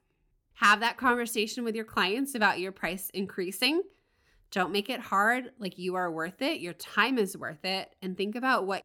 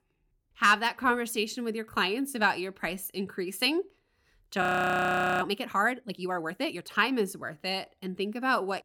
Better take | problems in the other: first | audio freezing; at 4.5 s for 1 s

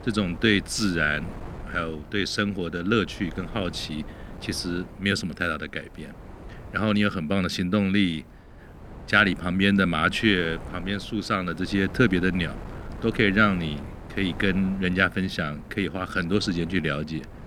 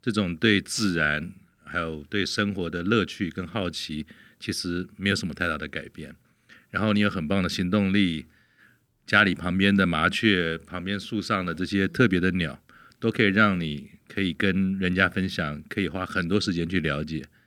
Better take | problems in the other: second | wind noise on the microphone; occasional gusts; 20 dB below the speech

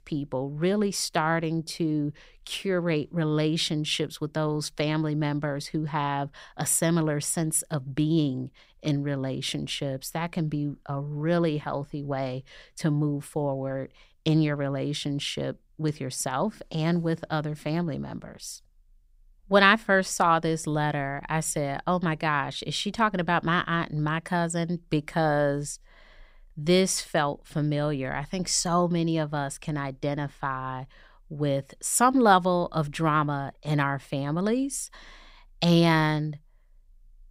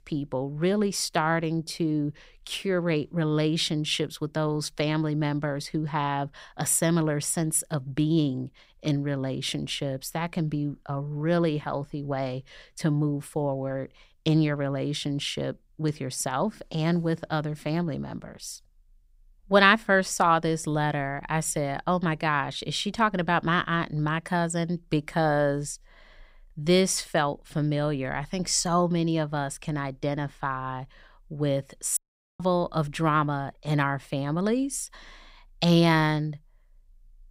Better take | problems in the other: first | audio cutting out; at 32 s

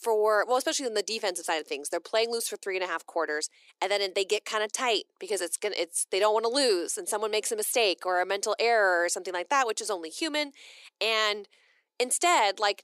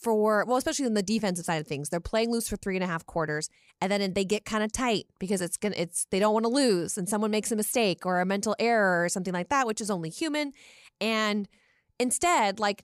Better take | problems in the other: second | thin; very; fading below 300 Hz

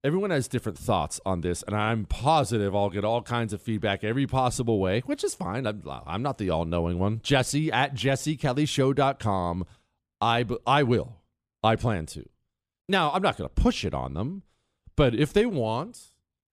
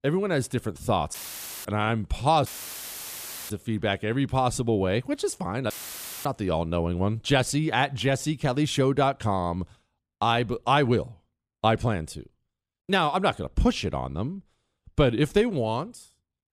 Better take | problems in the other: first | audio cutting out; filled with static; at 1 s for 0.5 s, at 2.5 s for 1 s and at 5.5 s for 0.5 s

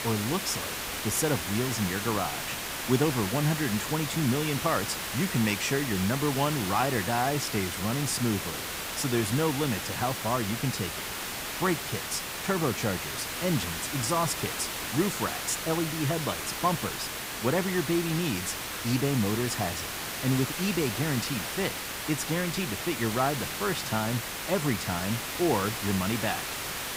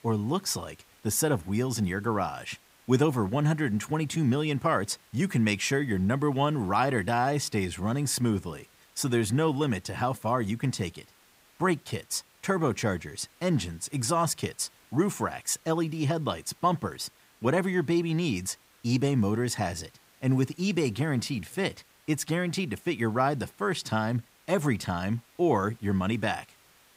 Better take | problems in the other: second | hiss; loud; throughout; 3 dB below the speech; faint in the second

